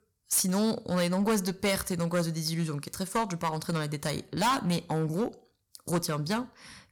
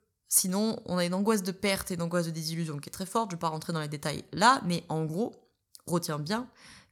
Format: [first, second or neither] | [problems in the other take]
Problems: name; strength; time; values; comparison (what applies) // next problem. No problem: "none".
second | distortion; heavy; 6% of the sound clipped